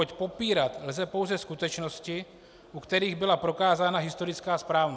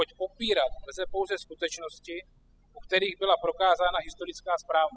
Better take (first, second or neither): first